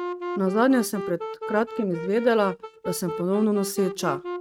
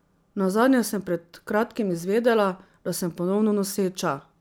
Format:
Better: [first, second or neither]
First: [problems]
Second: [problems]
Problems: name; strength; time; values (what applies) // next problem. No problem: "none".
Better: second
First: noise reduction (neural mask model RNNoise)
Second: none